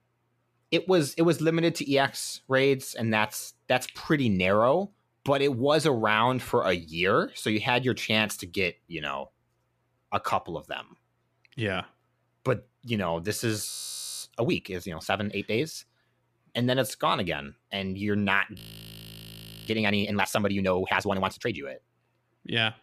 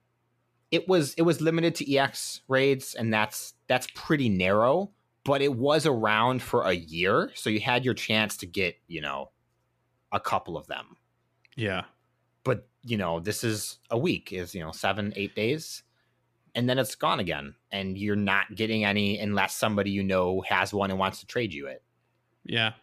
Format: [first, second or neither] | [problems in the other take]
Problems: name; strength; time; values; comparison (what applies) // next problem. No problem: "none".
second | audio freezing; at 14 s for 0.5 s and at 19 s for 1 s